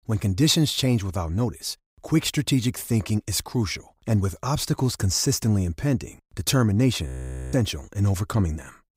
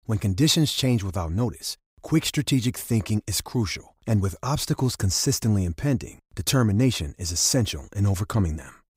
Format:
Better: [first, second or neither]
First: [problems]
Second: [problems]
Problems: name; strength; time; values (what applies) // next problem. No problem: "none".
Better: second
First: audio freezing; at 7 s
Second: none